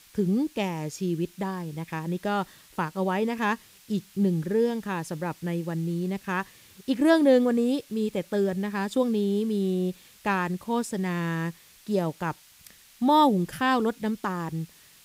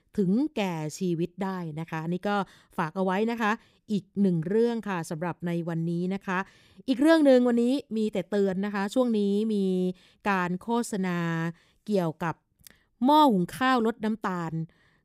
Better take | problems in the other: second | hiss; faint; throughout; 25 dB below the speech

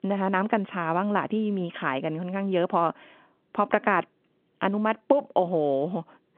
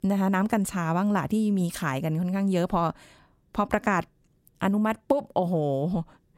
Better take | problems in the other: second | phone-call audio

